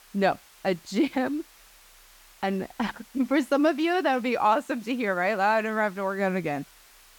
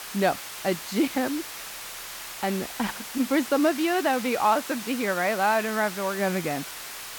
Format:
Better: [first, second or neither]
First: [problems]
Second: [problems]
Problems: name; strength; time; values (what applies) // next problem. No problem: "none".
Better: first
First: hiss; faint; throughout; 25 dB below the speech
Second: hiss; loud; throughout; 9 dB below the speech